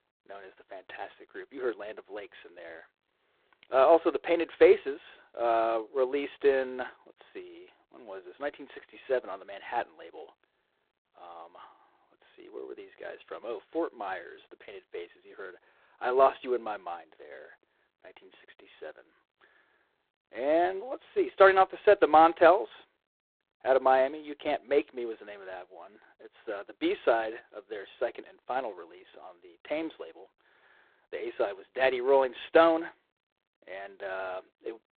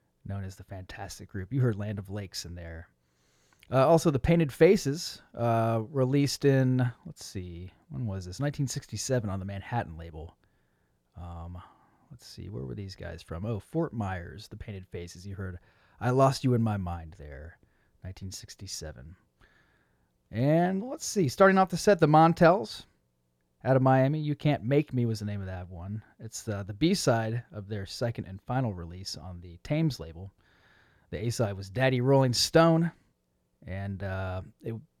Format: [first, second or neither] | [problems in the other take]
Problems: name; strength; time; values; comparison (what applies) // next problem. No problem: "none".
second | phone-call audio; poor line; nothing above 4 kHz